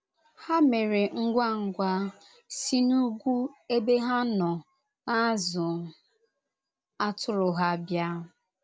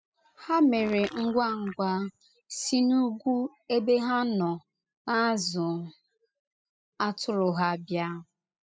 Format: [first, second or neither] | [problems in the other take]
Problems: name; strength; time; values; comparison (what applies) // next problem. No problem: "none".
first | noise reduction (classical method spectral subtraction)